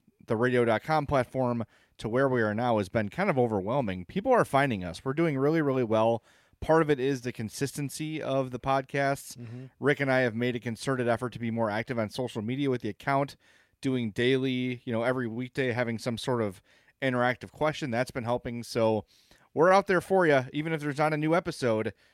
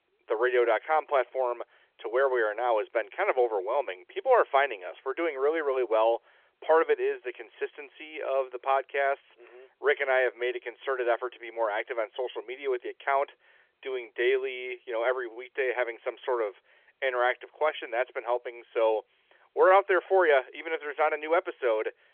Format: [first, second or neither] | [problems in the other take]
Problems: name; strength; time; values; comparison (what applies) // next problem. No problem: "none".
first | phone-call audio; nothing above 3.5 kHz